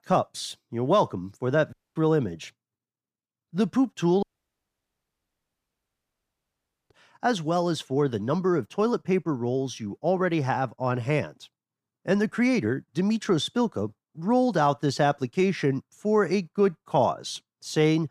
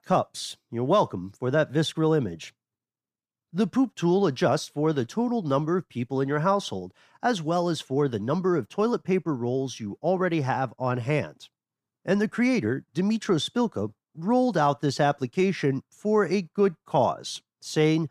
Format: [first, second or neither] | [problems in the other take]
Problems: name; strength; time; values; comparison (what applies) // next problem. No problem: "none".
second | audio cutting out; at 1.5 s and at 4 s for 2.5 s